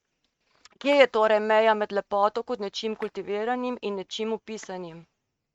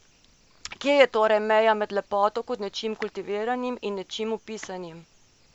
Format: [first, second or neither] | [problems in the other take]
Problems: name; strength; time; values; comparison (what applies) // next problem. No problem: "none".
second | noise reduction (neural mask model RNNoise)